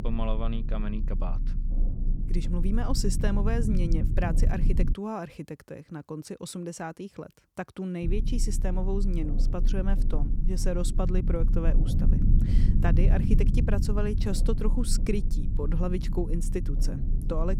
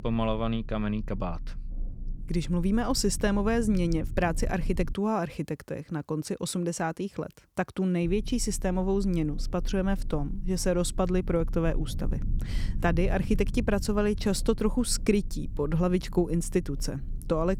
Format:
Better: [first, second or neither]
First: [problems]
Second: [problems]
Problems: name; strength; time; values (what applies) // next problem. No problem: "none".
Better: second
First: low rumble; loud; until 5 s and from 8 s on; 7 dB below the speech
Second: low rumble; faint; until 5 s and from 8 s on; 20 dB below the speech